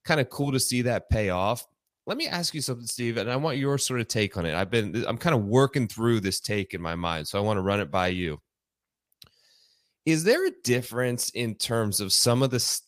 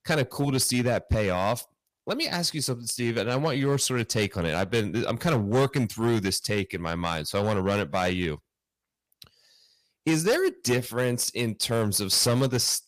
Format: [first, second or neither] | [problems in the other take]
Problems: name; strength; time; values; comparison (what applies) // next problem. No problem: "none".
first | distortion; slight; 6% of the sound clipped